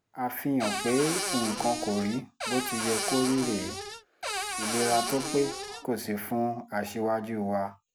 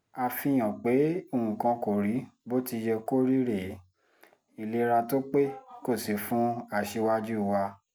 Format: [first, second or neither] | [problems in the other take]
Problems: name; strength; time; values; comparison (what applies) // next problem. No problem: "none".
second | background sound (Cupboard open or close / Door); 3 dB below the speech